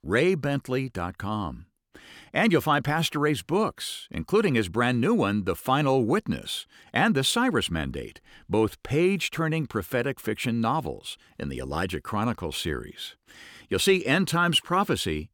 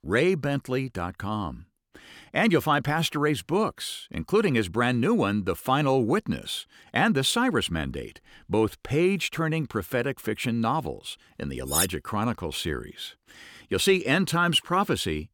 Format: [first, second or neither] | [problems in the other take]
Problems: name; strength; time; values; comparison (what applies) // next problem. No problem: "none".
first | clattering dishes; loud; at 12 s; peak level with the speech